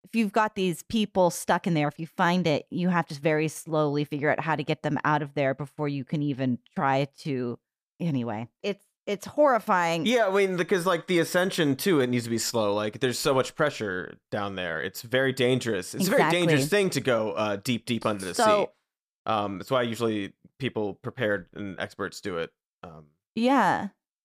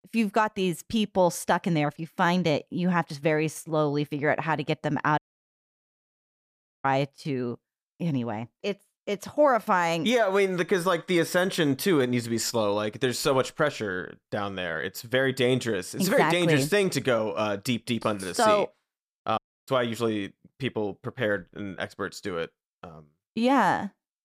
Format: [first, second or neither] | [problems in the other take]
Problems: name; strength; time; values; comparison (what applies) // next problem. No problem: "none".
first | audio cutting out; at 5 s for 1.5 s and at 19 s